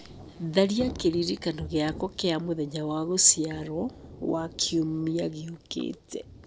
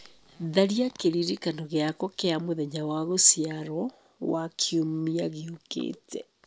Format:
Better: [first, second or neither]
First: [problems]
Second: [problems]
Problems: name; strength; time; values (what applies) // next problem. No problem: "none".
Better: second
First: background sound (Thunder / Rain); 17 dB below the speech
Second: none